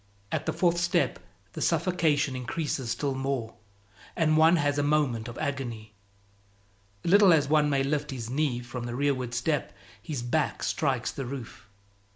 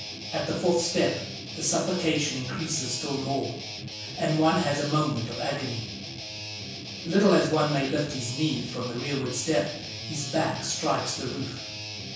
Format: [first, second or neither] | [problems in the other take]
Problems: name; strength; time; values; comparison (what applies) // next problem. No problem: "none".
first | background sound (Guitar); 9 dB below the speech // room echo; dies away in 0.7 s